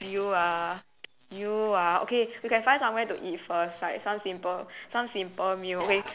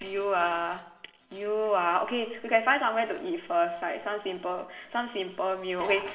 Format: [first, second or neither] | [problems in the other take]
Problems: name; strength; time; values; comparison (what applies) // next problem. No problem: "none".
first | room echo; dies away in 1 s